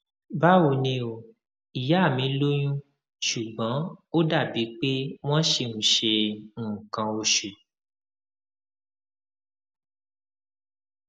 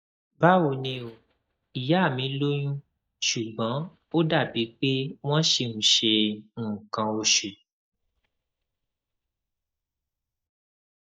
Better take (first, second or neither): first